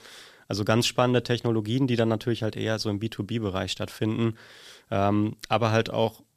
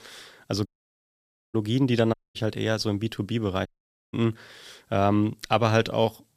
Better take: first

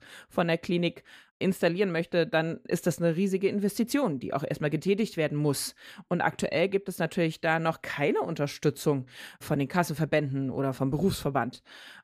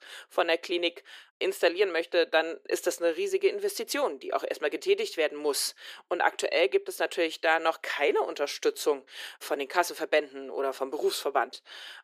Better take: first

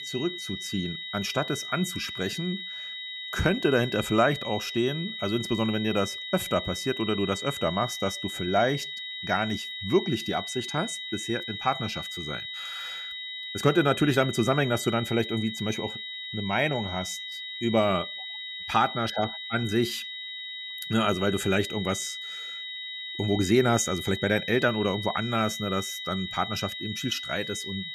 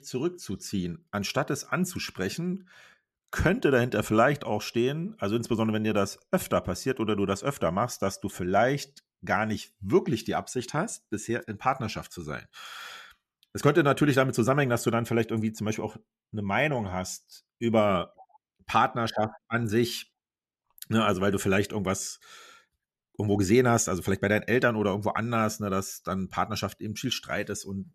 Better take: second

